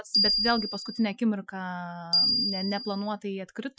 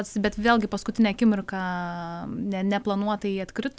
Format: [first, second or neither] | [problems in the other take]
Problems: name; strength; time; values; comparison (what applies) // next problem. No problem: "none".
second | noise reduction (classical method Wiener filter)